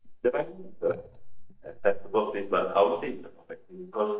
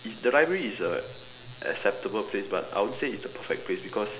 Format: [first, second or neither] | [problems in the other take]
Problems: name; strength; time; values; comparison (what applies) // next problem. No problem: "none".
second | noise reduction (neural mask model DeepFilterNet 3)